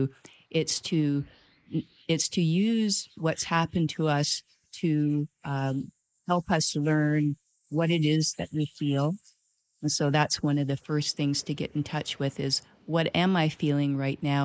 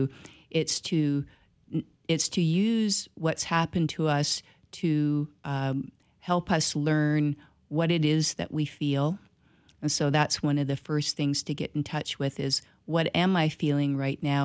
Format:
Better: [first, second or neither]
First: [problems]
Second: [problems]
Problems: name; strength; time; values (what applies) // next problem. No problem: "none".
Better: second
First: noise reduction (neural mask model Resemble Enhance denoiser)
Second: none